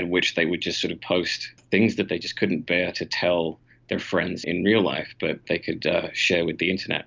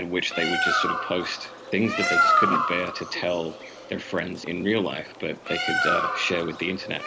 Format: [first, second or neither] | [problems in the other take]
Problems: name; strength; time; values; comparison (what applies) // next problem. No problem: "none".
first | background sound (Bird); 1 dB above the speech